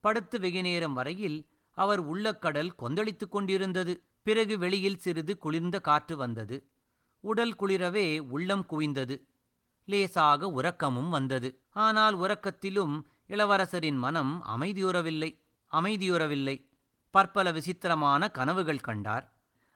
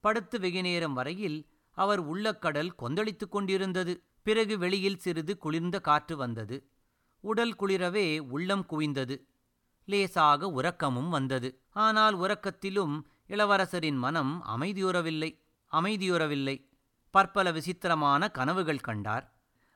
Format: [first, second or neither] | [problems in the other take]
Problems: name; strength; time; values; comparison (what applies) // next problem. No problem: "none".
second | garbled, watery; slightly; nothing above 17 kHz